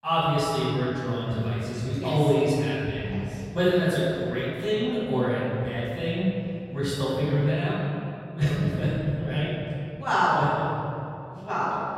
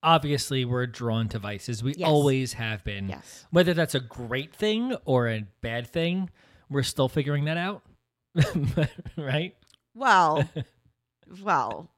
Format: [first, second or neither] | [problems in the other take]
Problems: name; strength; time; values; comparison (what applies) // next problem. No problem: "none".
second | off-mic speech; far // room echo; strong; dies away in 2.6 s